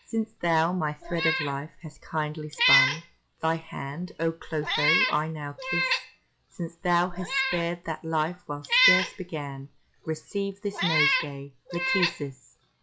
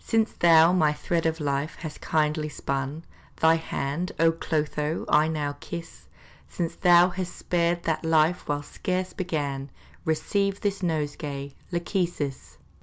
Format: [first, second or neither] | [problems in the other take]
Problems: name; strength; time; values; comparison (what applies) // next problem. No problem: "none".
second | noise reduction (classical method log-MMSE)